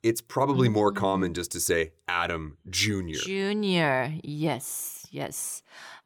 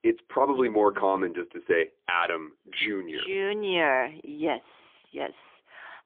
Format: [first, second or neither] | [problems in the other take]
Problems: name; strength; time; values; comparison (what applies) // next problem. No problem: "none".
first | phone-call audio; poor line; nothing above 3.5 kHz